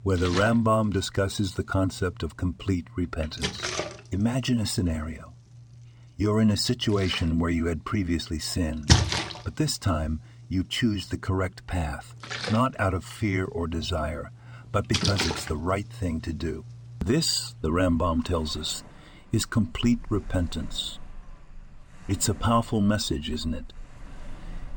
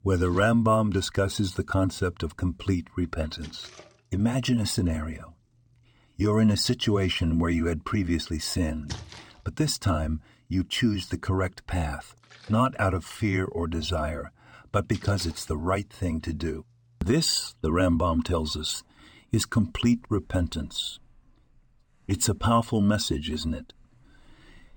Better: second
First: rain or running water; loud; throughout; 4 dB below the speech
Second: rain or running water; faint; throughout; 20 dB below the speech

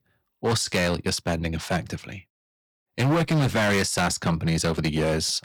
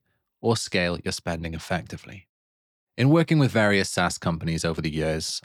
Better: second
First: distortion; heavy; 12% of the sound clipped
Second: none

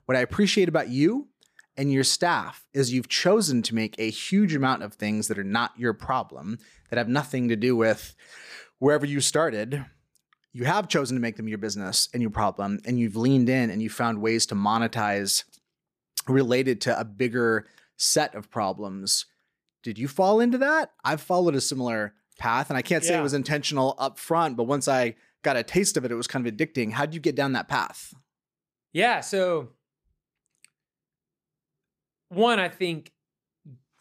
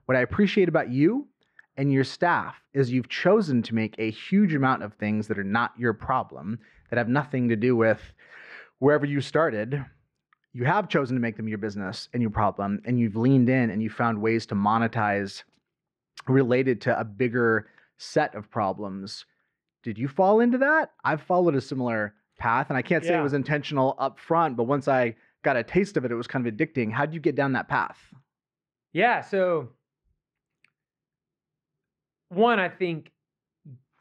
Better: first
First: none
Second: muffled; very; fading above 2 kHz

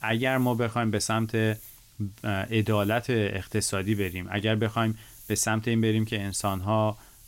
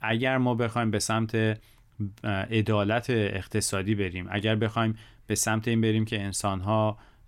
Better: second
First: hiss; faint; throughout; 20 dB below the speech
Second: none

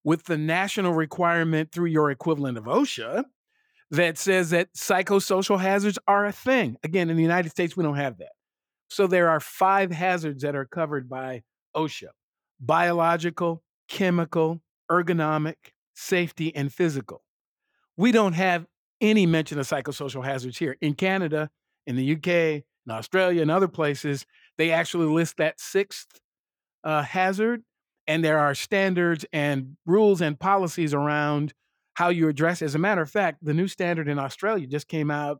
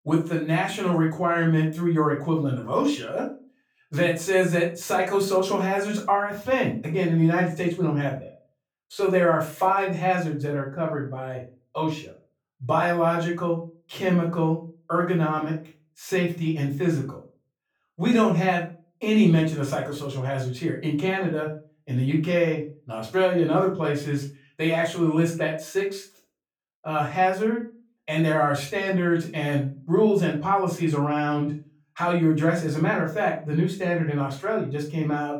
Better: first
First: none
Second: off-mic speech; far // room echo; slight; dies away in 0.3 s

